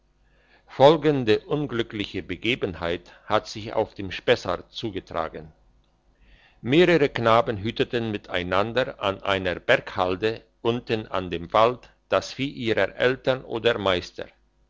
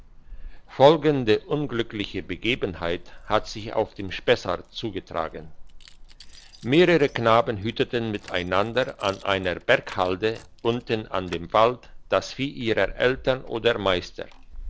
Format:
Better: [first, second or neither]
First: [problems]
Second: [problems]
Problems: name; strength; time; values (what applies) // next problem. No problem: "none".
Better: first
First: none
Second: background sound (Keys jangling); 17 dB below the speech